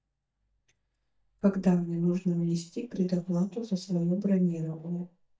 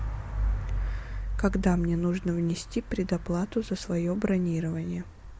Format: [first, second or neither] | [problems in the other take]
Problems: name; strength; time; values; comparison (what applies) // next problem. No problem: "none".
second | noise reduction (neural mask model DeepFilterNet 3)